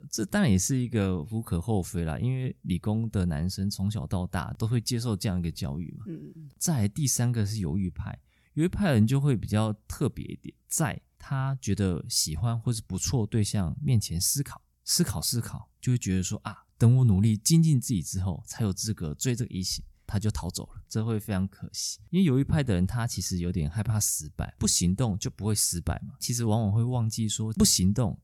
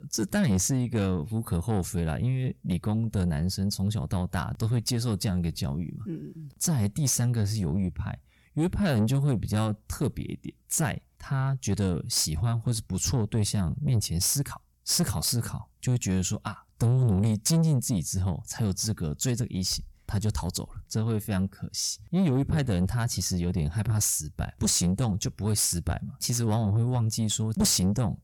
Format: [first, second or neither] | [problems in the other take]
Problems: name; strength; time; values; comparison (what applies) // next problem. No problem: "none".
first | distortion; slight; 10 dB below the speech